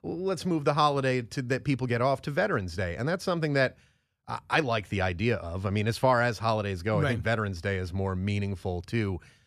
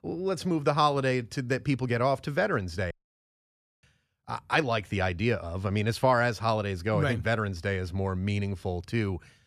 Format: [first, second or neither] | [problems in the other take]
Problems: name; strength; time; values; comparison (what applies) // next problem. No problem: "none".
first | audio cutting out; at 3 s for 1 s